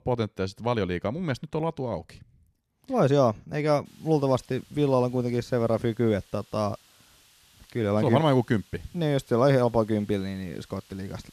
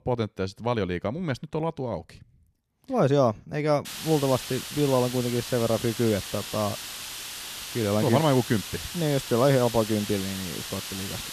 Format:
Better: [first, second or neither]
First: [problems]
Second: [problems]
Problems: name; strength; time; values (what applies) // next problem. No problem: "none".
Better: first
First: hiss; faint; from 4 s on; 30 dB below the speech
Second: hiss; loud; from 4 s on; 8 dB below the speech